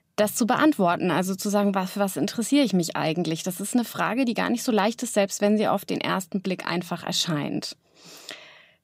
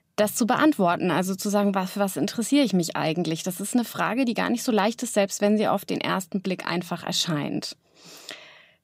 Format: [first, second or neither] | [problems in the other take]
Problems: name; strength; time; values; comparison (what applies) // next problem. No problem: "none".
neither | none